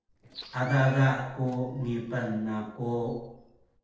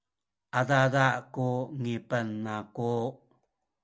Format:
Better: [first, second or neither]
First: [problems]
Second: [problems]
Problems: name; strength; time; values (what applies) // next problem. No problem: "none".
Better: second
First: noise reduction (neural separator model SepFormer DNS4)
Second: none